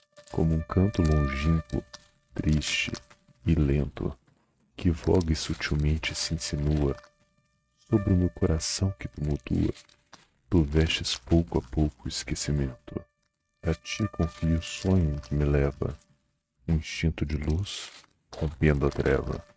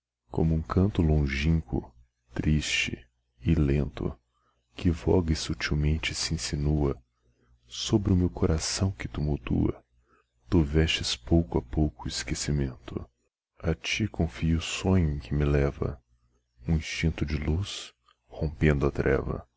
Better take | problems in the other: second | noise reduction (neural mask model RNNoise)

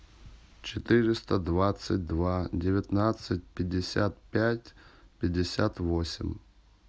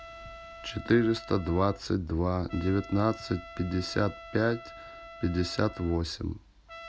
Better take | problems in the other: first | background sound (Trumpet); 17 dB below the speech

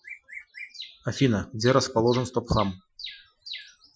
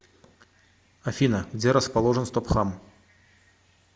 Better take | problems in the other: second | noise reduction (classical method Wiener filter)

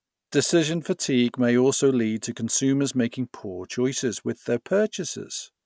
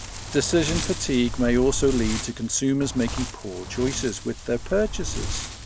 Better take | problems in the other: first | background sound (Wind); 6 dB below the speech

